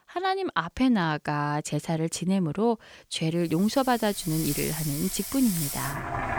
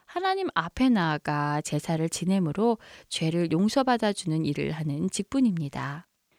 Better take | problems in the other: second | household noises; loud; from 4 s on; 6 dB below the speech

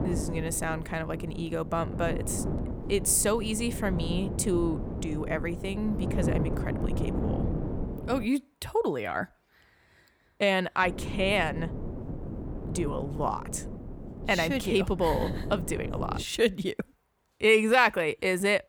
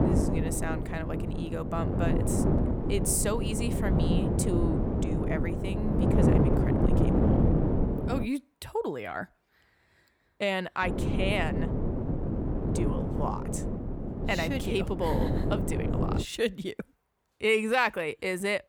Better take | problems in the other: first | wind noise on the microphone; heavy; until 8 s and from 11 to 16 s; 2 dB below the speech; occasional gusts in the first

